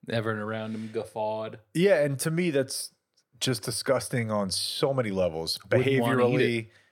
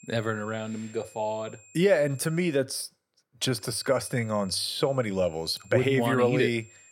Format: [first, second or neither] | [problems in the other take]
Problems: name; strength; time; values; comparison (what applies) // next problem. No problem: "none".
first | high-pitched whine; faint; until 2.5 s and from 3.5 s on; 7.5 kHz, 25 dB below the speech